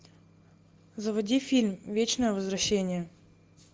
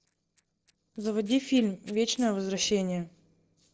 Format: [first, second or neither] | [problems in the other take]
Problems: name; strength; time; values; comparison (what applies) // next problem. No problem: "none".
first | noise reduction (neural separator model SepFormer DNS4)